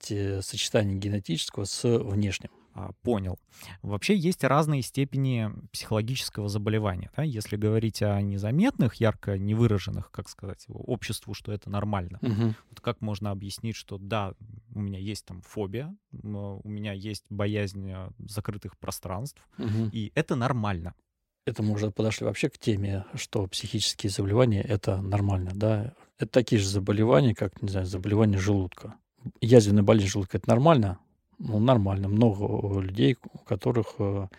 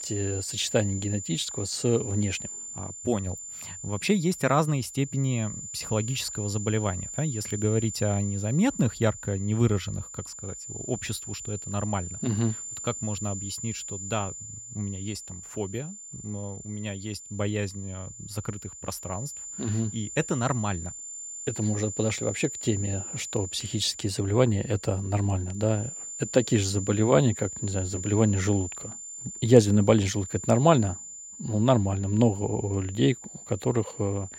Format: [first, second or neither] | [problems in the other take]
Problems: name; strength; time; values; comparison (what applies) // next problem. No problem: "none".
first | high-pitched whine; loud; throughout; 7 kHz, 9 dB below the speech